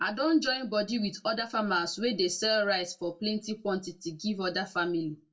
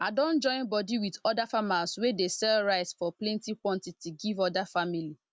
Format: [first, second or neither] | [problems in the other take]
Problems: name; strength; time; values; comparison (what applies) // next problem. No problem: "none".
second | room echo; dies away in 0.2 s